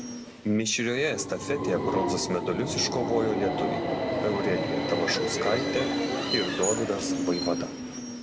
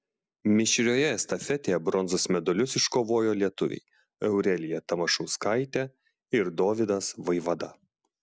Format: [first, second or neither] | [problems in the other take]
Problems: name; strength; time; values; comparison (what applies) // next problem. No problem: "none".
second | background sound (Subway, metro, underground); as loud as the speech // room echo; dies away in 0.6 s